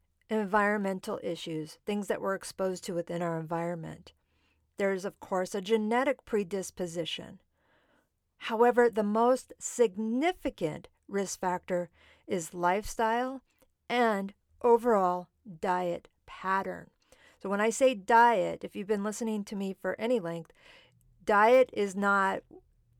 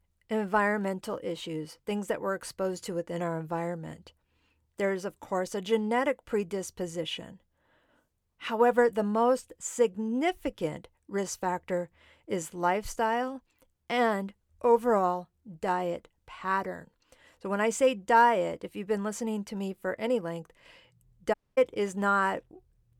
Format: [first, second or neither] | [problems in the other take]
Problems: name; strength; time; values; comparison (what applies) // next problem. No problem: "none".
first | audio cutting out; at 21 s